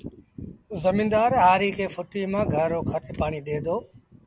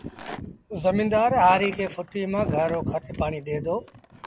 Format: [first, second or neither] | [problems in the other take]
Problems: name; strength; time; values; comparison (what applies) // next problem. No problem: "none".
first | background sound (Rattle); 18 dB below the speech